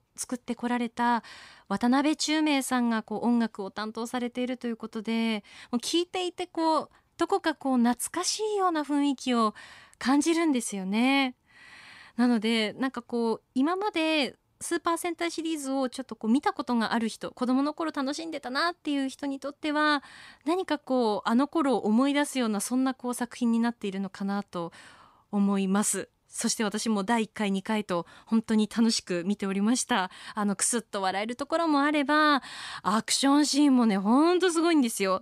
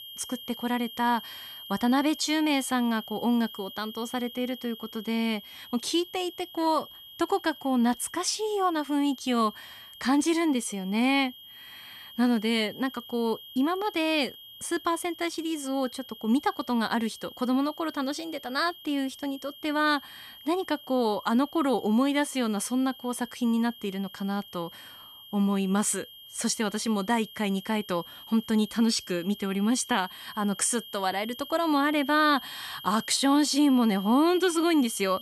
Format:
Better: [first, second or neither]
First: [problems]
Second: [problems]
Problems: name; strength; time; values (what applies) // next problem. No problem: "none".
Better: first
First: none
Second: high-pitched whine; noticeable; throughout; 3 kHz, 15 dB below the speech